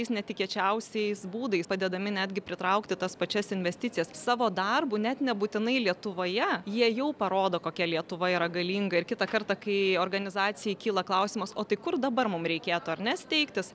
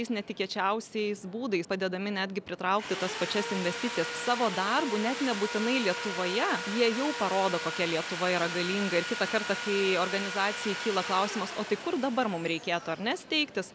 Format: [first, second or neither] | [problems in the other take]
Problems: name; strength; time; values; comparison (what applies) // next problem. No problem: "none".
first | background sound (Sawing); 7 dB below the speech